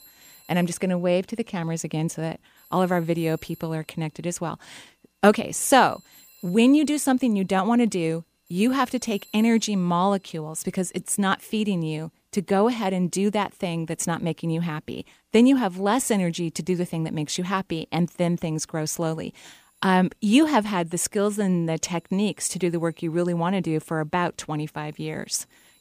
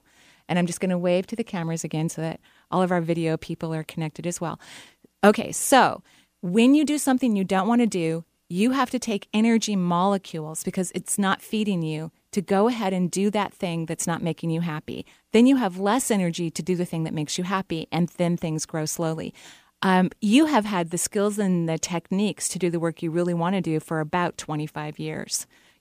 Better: second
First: alarms or sirens; faint; throughout; 30 dB below the speech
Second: none

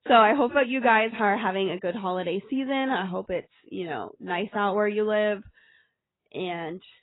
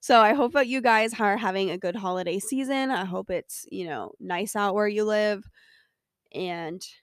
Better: second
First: garbled, watery; badly; nothing above 4 kHz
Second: none

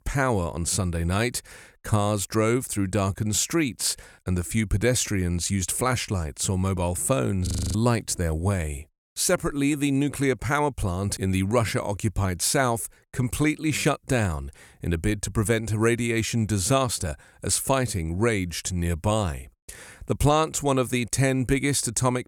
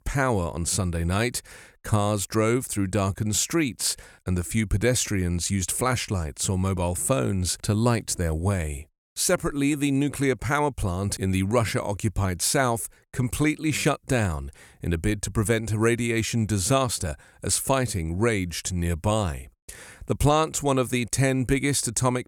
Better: second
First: audio freezing; at 7.5 s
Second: none

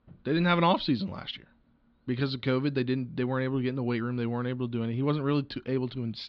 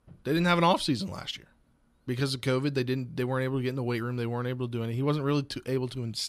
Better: second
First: muffled; very slightly; fading above 4 kHz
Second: none

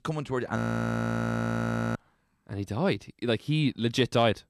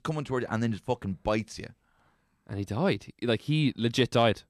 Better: second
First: audio freezing; at 0.5 s for 1.5 s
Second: none

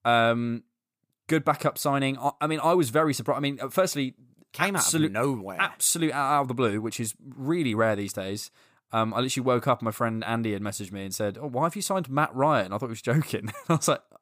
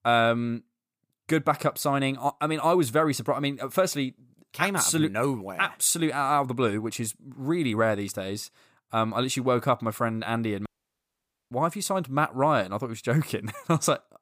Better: first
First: none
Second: audio cutting out; at 11 s for 1 s

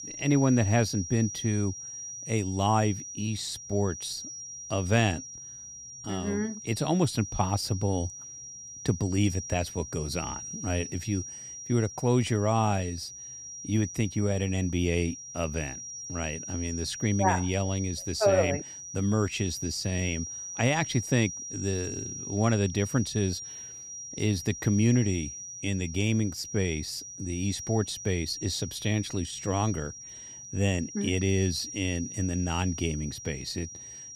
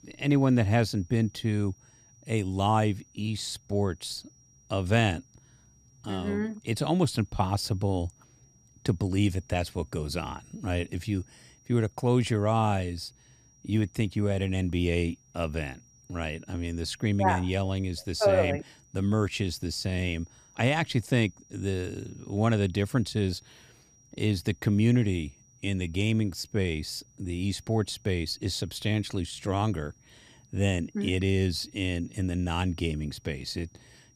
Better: second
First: high-pitched whine; loud; throughout; 5.5 kHz, 9 dB below the speech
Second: high-pitched whine; faint; throughout; 5.5 kHz, 30 dB below the speech

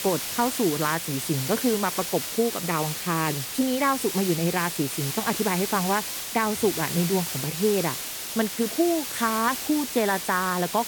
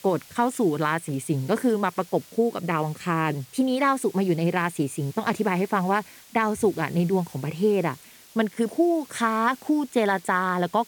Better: second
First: hiss; loud; throughout; 4 dB below the speech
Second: hiss; faint; throughout; 20 dB below the speech

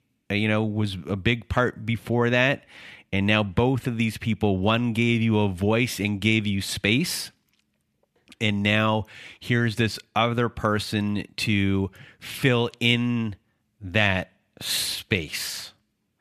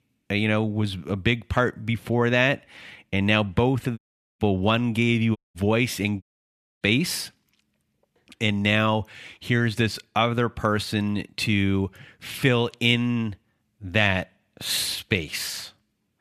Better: first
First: none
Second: audio cutting out; at 4 s, at 5.5 s and at 6 s for 0.5 s

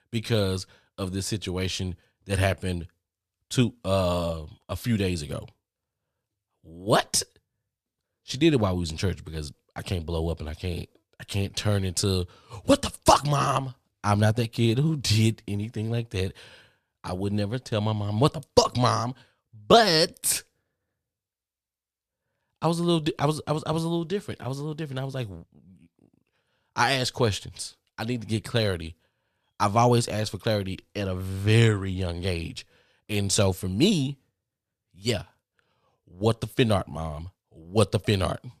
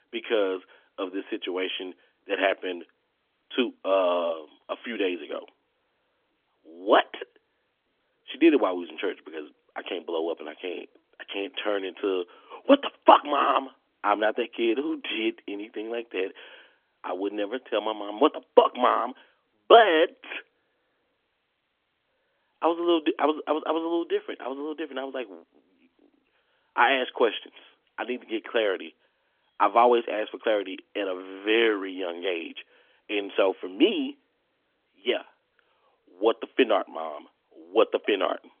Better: first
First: none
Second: phone-call audio; nothing above 3.5 kHz

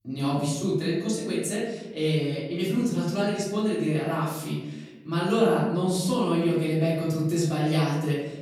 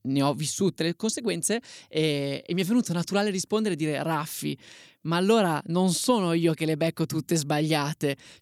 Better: second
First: room echo; noticeable; dies away in 1.1 s // off-mic speech; far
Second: none

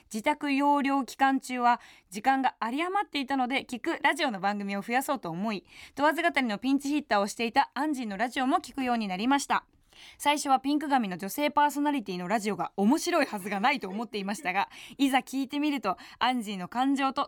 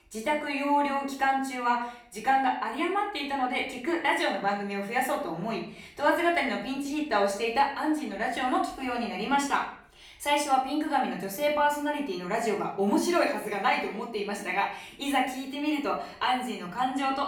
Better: first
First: none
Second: off-mic speech; far // room echo; slight; dies away in 0.5 s

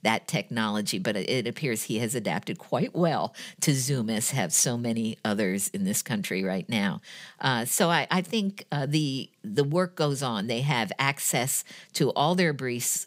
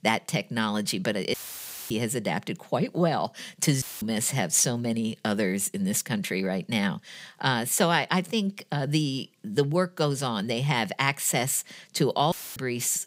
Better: first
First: none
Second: audio cutting out; filled with static; at 1.5 s for 0.5 s, at 4 s and at 12 s

